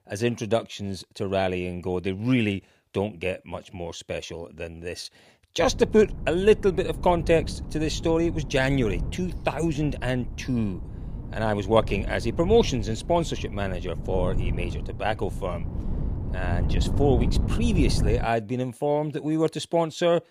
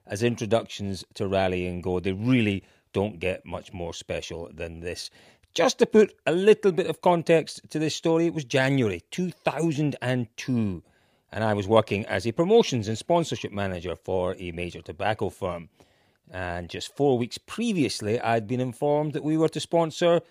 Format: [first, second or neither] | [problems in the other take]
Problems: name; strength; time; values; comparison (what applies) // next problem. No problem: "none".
second | wind noise on the microphone; occasional gusts; from 5.5 to 18 s; 15 dB below the speech